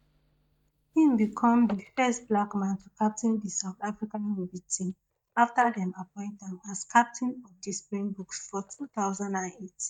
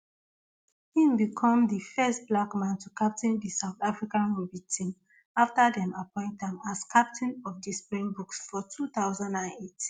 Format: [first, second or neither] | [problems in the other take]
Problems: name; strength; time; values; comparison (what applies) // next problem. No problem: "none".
second | noise reduction (neural mask model DeepFilterNet 3)